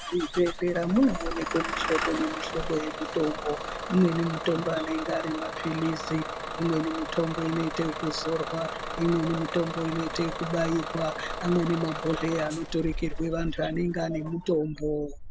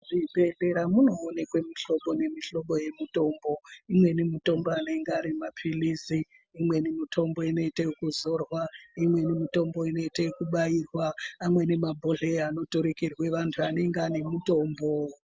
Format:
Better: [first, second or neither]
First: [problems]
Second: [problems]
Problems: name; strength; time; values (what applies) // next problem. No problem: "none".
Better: second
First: background sound (Engine starting / Bus); 6 dB below the speech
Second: none